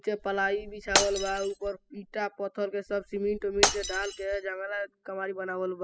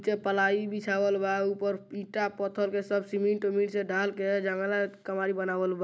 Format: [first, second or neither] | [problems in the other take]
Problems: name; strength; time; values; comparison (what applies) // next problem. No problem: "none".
second | noise reduction (classical method spectral subtraction)